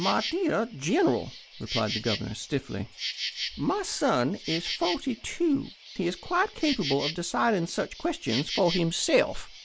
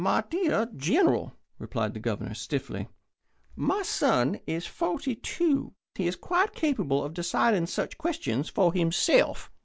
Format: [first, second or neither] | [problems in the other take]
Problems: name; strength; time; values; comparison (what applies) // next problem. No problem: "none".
second | background sound (Insect); 10 dB below the speech